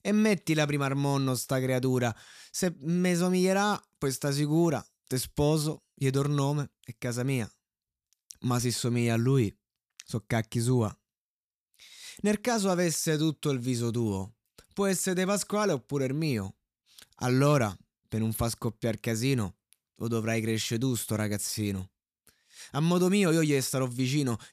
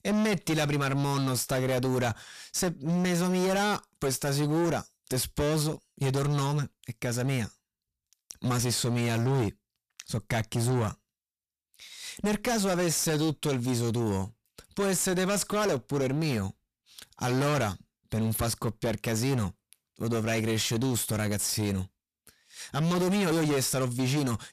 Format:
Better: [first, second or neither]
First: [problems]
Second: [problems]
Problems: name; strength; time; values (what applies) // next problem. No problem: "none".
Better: first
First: none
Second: distortion; heavy; 20% of the sound clipped